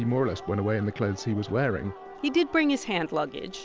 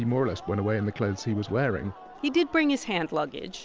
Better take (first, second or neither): second